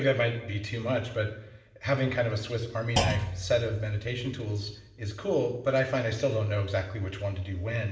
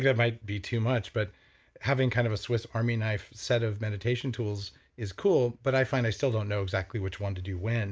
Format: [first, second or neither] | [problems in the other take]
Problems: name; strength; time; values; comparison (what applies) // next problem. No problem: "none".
second | background sound (Thump, thud); 7 dB below the speech // room echo; dies away in 1 s